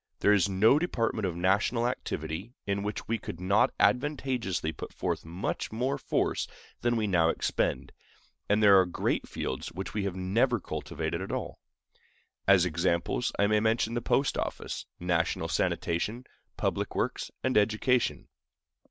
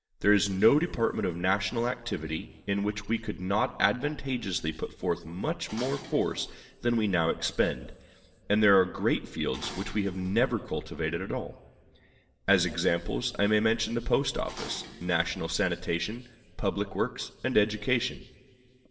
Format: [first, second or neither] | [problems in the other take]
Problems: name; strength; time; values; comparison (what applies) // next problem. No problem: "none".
first | background sound (Dishes, pots, and pans); 19 dB below the speech // room echo; dies away in 2.1 s